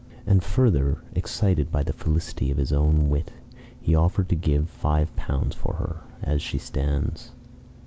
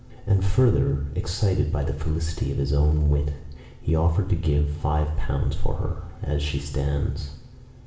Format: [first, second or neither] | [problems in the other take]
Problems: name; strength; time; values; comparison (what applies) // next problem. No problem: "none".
first | room echo; dies away in 0.7 s